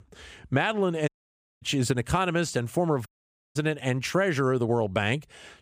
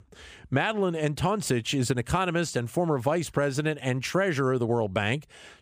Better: second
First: audio cutting out; at 1 s for 0.5 s and at 3 s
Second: none

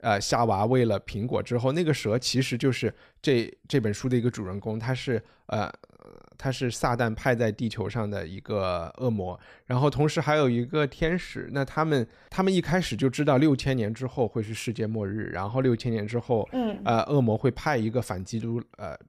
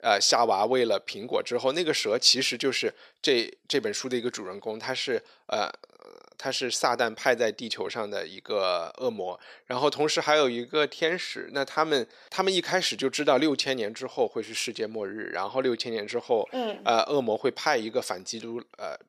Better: first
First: none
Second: thin; somewhat; fading below 450 Hz

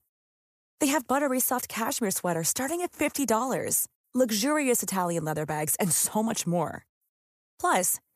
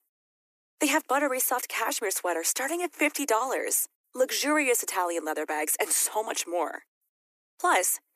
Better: first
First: none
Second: thin; somewhat; fading below 300 Hz

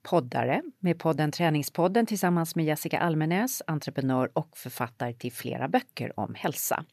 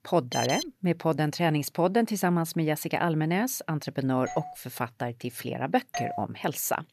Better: first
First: none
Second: alarm; noticeable; at 0.5 s; peak 4 dB below the speech // doorbell; faint; at 4.5 s; peak 10 dB below the speech // doorbell; noticeable; at 6 s; peak 6 dB below the speech

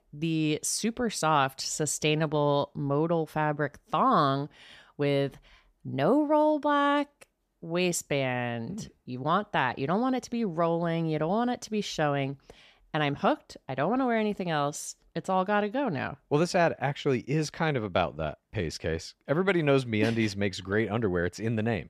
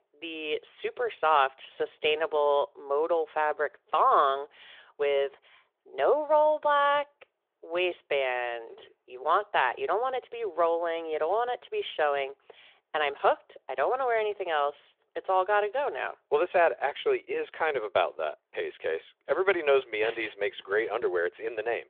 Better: first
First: none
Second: phone-call audio; nothing above 3.5 kHz

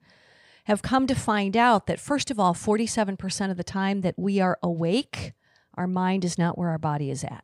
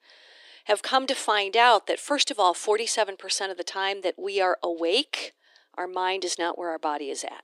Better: first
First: none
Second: thin; very; fading below 300 Hz

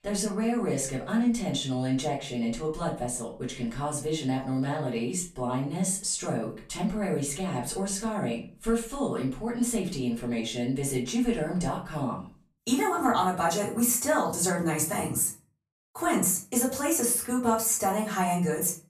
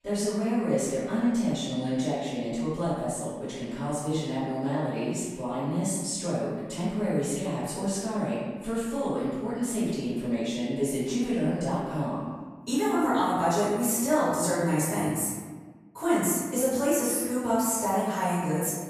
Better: first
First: room echo; slight; dies away in 0.3 s // off-mic speech; far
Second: room echo; strong; dies away in 1.4 s // off-mic speech; far

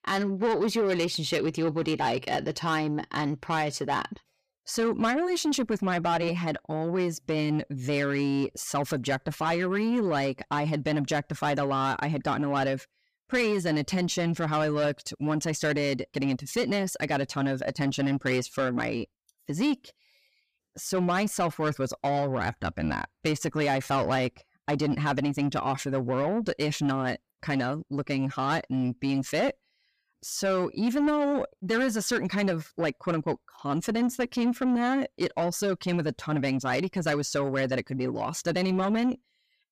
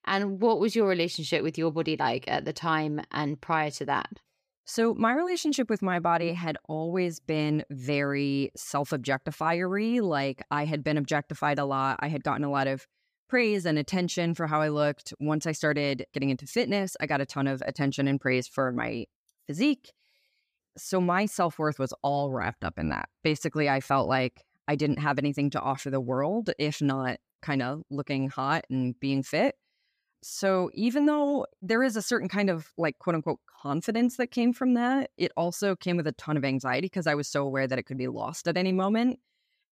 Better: second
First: distortion; slight; 10 dB below the speech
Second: none

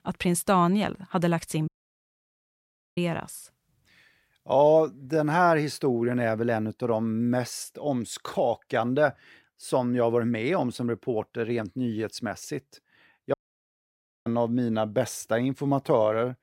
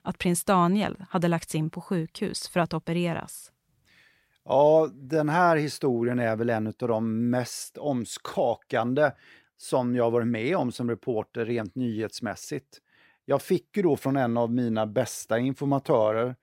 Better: second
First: audio cutting out; at 1.5 s for 1.5 s and at 13 s for 1 s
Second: none

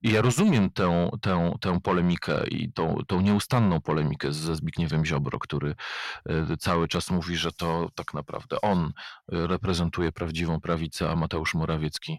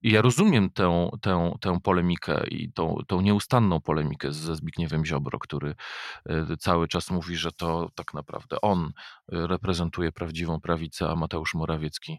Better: second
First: distortion; slight; 10 dB below the speech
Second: none

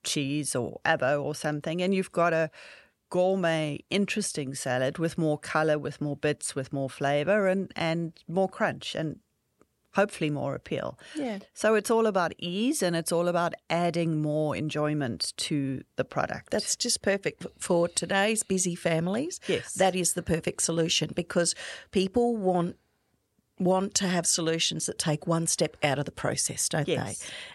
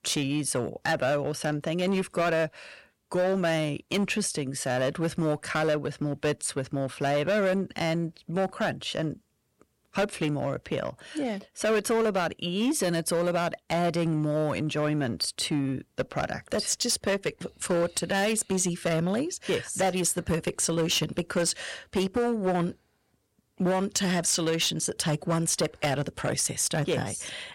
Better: first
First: none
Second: distortion; slight; 10% of the sound clipped

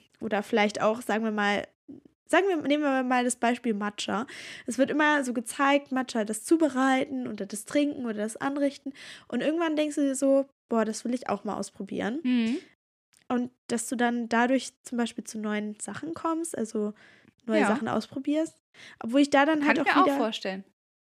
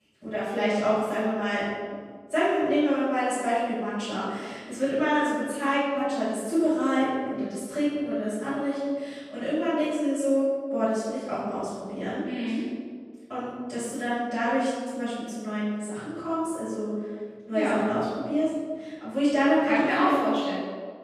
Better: first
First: none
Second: off-mic speech; far // room echo; strong; dies away in 1.4 s

